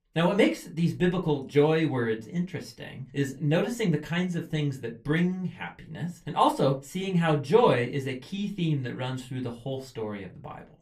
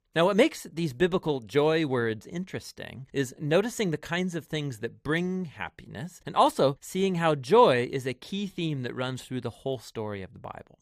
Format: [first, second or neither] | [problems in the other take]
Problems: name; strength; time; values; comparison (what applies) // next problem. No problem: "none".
second | off-mic speech; somewhat distant // room echo; very slight; dies away in 0.2 s